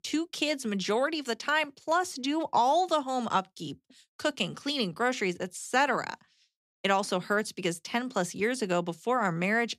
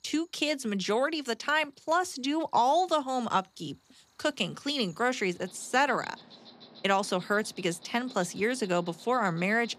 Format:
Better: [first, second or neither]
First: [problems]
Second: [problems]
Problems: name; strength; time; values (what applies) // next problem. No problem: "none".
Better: first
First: none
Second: animal sounds; faint; throughout; 20 dB below the speech